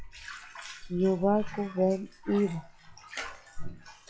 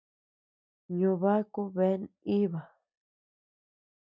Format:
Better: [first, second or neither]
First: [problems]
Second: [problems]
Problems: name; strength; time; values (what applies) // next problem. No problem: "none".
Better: second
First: noise reduction (classical method log-MMSE)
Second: none